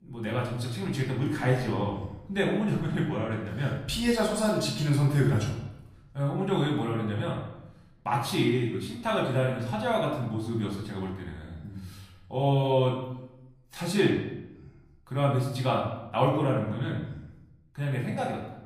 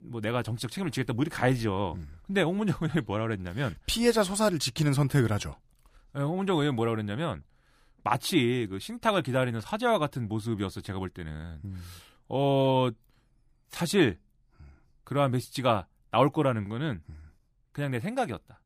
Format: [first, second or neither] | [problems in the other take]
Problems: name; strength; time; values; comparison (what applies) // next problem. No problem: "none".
second | room echo; noticeable; dies away in 0.8 s // off-mic speech; far